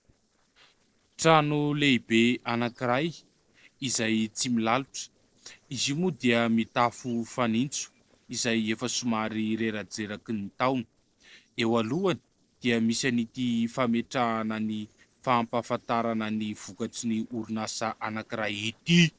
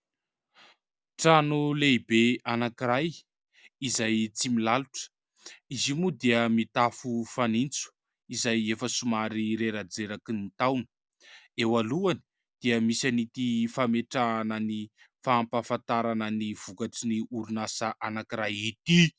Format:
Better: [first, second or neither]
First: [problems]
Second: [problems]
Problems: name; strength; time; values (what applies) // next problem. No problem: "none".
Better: second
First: noise reduction (neural separator model SepFormer DNS4)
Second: none